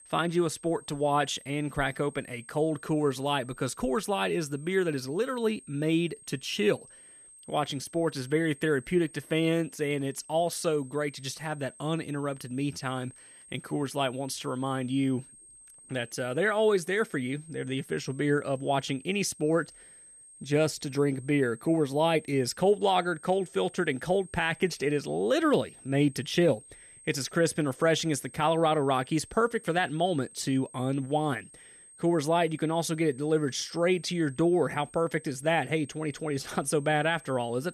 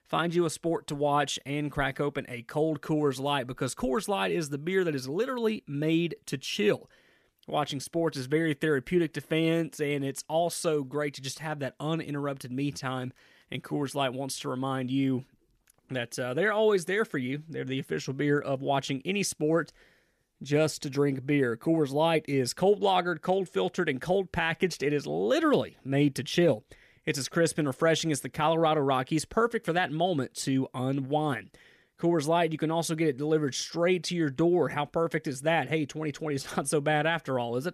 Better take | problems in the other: second | high-pitched whine; faint; throughout; 8.5 kHz, 20 dB below the speech

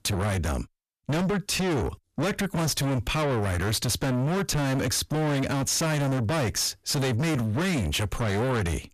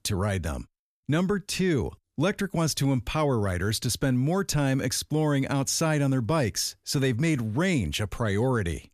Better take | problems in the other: second | distortion; heavy; 7 dB below the speech

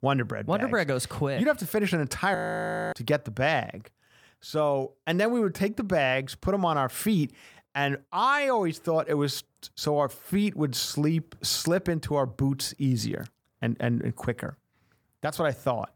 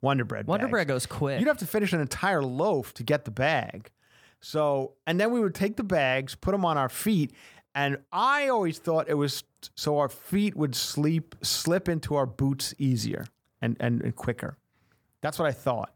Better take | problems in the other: second | audio freezing; at 2.5 s for 0.5 s

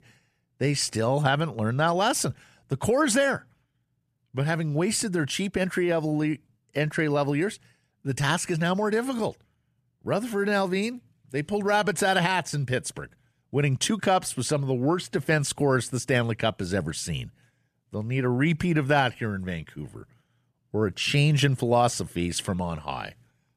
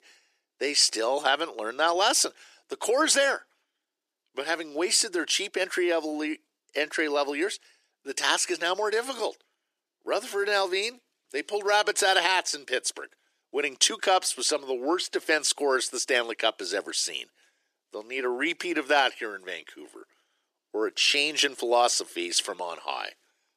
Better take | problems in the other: first | thin; very; fading below 350 Hz

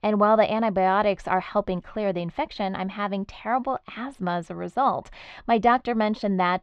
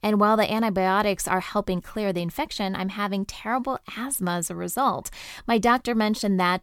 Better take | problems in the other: second | muffled; slightly; fading above 3.5 kHz

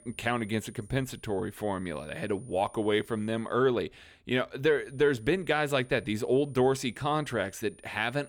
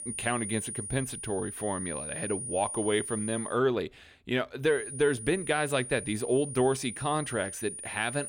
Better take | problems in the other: first | high-pitched whine; loud; until 3.5 s and from 4.5 s on; 9.5 kHz, 7 dB below the speech; faint in the first

